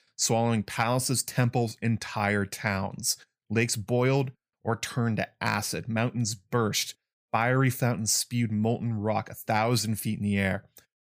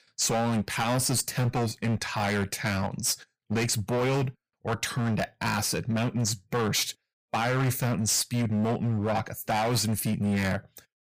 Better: first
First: none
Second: distortion; heavy; 17% of the sound clipped

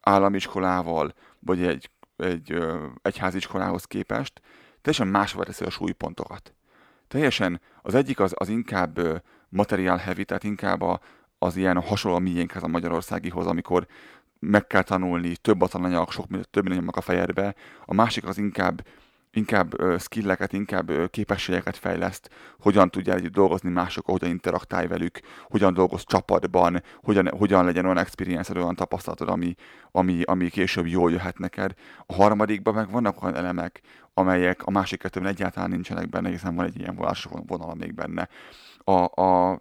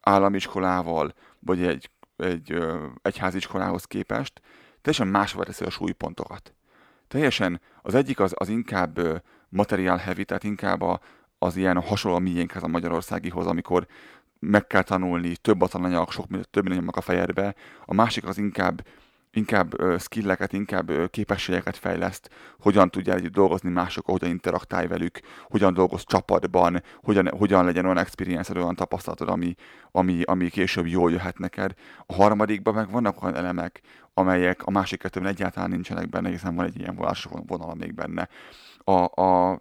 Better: neither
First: none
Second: none

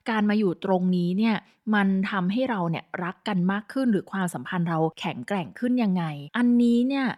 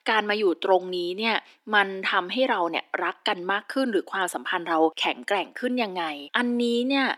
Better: first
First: none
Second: thin; somewhat; fading below 300 Hz

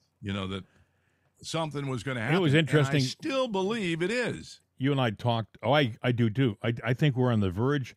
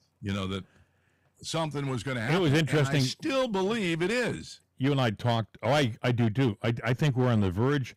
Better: first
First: none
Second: distortion; slight; 11% of the sound clipped

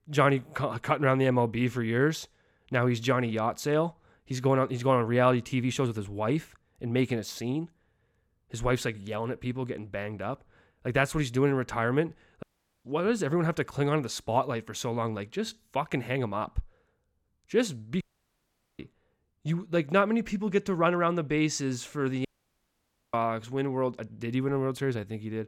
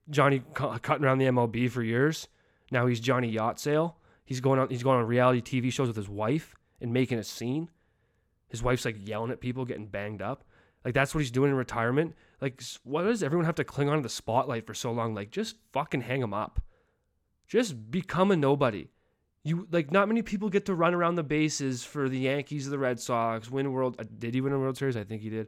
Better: second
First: audio cutting out; at 12 s, at 18 s for 1 s and at 22 s for 1 s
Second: none

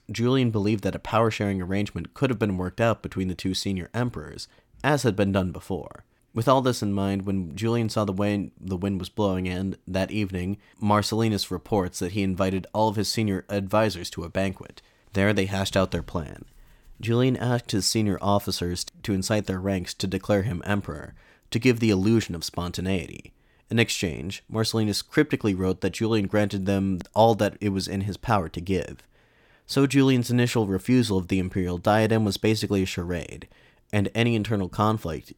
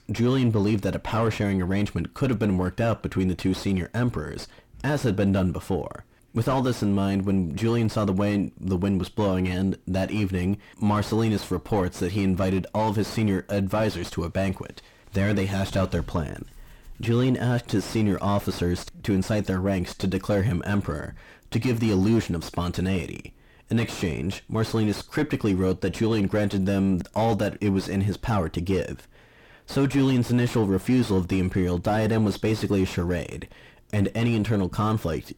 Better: first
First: none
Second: distortion; heavy; 6 dB below the speech

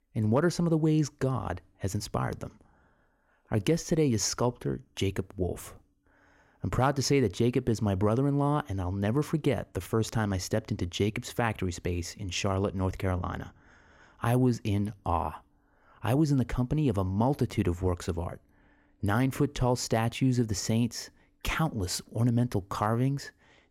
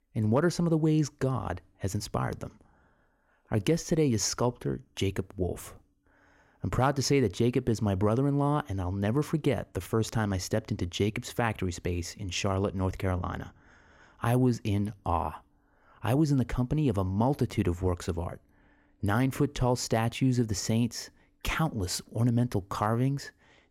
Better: neither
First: none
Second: none

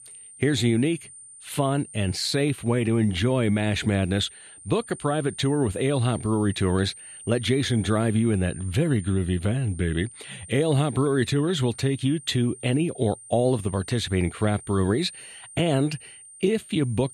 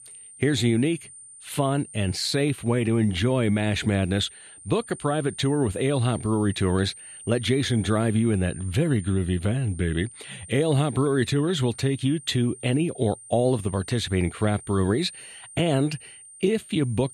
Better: neither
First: high-pitched whine; noticeable; throughout; 9 kHz, 15 dB below the speech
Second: high-pitched whine; noticeable; throughout; 9 kHz, 15 dB below the speech

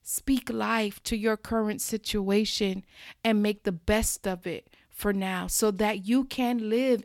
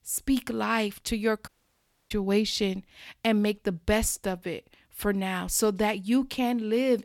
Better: first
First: none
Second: audio cutting out; at 1.5 s for 0.5 s

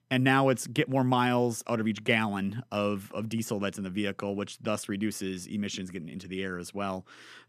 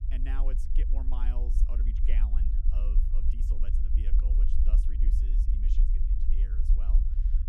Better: first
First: none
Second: low rumble; loud; throughout; 1 dB below the speech

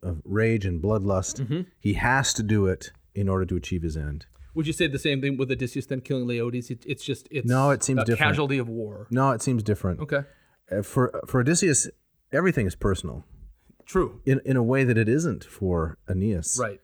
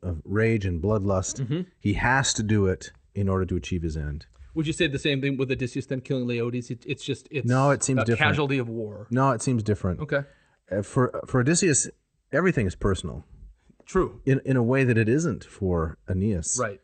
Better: first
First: none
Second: garbled, watery; slightly; nothing above 8.5 kHz

